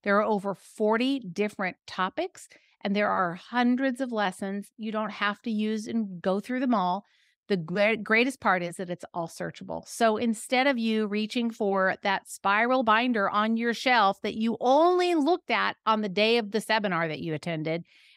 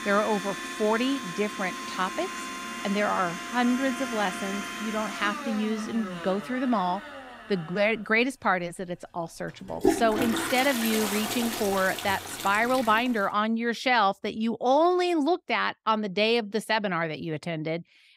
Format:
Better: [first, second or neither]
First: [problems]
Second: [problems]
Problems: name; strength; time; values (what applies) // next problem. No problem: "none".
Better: first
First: none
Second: household noises; loud; until 13 s; 6 dB below the speech